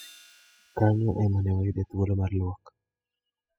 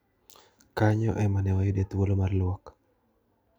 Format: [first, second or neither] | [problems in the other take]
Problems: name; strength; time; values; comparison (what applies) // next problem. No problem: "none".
second | noise reduction (classical method spectral subtraction)